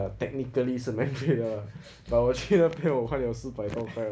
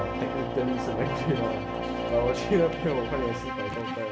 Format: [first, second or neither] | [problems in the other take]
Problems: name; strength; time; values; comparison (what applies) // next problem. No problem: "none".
first | background sound (Brass instrument + Bowed string instrument); 2 dB below the speech